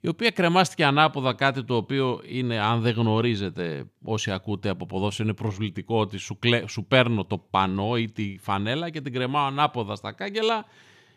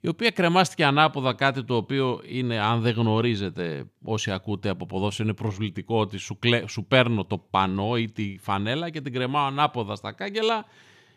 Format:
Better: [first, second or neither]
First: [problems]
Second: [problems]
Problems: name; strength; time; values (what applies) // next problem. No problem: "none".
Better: neither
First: none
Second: none